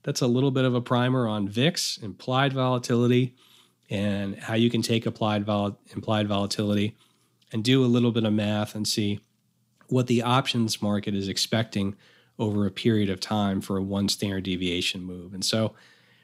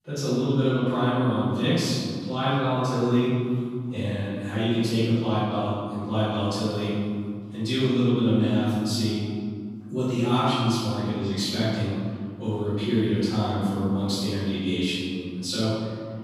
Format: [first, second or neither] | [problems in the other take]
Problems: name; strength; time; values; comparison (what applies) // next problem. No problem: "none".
first | off-mic speech; far // room echo; strong; dies away in 2.1 s